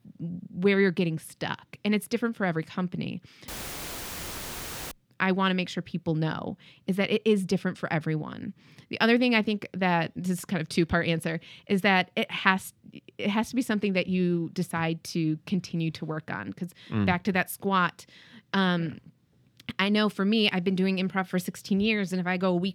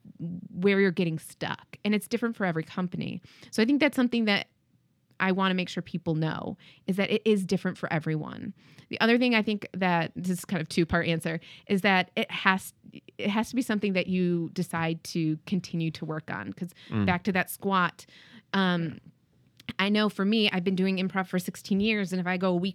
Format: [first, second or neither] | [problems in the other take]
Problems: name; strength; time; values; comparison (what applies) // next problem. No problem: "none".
second | audio cutting out; filled with static; at 3.5 s for 1.5 s